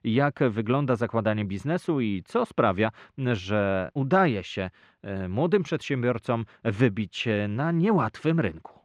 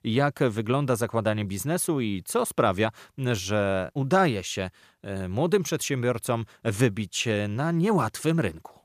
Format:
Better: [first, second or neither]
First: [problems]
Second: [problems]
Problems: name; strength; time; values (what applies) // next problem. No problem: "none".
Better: second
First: muffled; slightly; fading above 2.5 kHz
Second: none